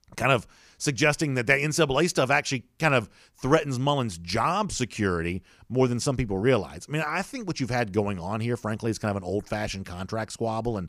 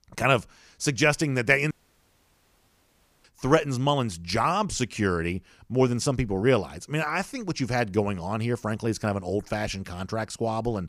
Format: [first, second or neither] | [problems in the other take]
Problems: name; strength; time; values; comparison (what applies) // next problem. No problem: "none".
first | audio cutting out; at 1.5 s for 1.5 s